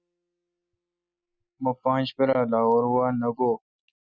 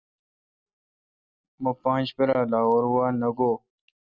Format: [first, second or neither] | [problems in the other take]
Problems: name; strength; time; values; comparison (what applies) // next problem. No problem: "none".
second | noise reduction (classical method Wiener filter)